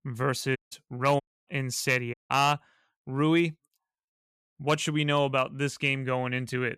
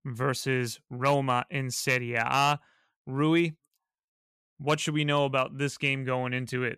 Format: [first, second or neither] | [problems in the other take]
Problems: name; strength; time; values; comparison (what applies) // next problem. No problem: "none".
second | audio cutting out; at 0.5 s, at 1 s and at 2 s